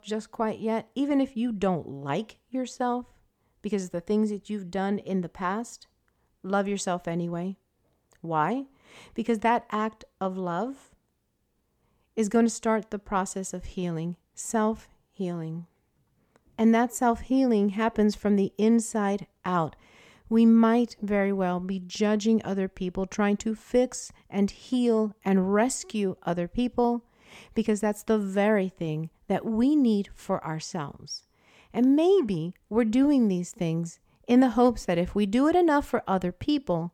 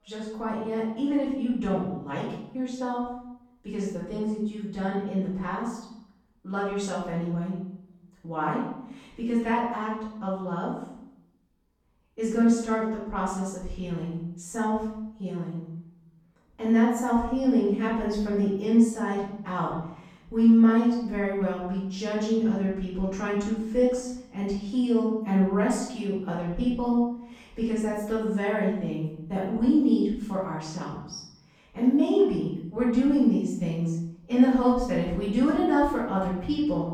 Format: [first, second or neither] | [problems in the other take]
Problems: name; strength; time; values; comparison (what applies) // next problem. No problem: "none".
first | room echo; noticeable; dies away in 0.7 s // off-mic speech; far